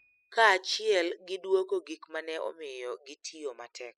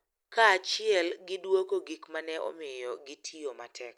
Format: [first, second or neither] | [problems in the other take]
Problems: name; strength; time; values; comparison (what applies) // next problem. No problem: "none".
second | noise reduction (classical method spectral subtraction)